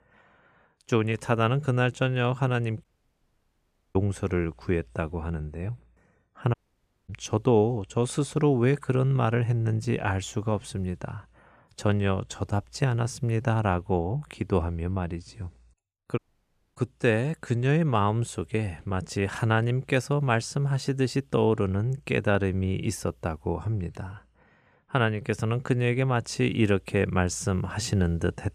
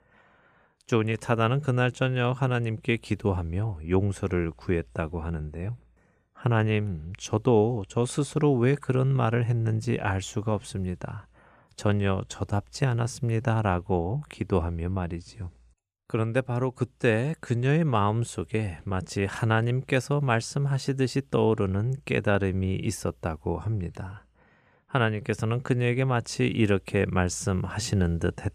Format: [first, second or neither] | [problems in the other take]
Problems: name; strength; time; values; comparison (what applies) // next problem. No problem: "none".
second | audio cutting out; at 3 s for 1 s, at 6.5 s for 0.5 s and at 16 s for 0.5 s